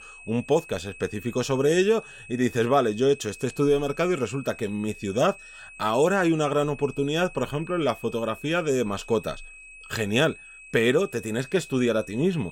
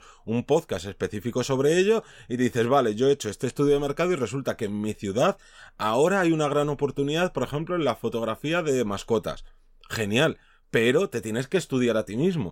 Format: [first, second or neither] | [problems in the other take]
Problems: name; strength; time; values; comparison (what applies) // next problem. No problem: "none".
second | high-pitched whine; noticeable; throughout; 2.5 kHz, 20 dB below the speech